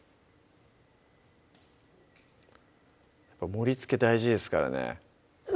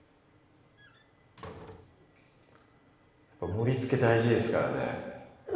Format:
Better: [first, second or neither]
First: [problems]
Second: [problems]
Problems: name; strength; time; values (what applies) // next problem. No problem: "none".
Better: first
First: none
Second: background sound (Slam); 20 dB below the speech // room echo; dies away in 1.2 s